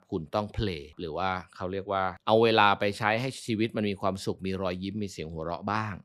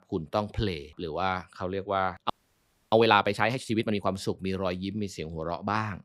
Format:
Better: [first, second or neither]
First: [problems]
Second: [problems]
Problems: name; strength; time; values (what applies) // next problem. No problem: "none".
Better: first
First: none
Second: audio freezing; at 2.5 s for 0.5 s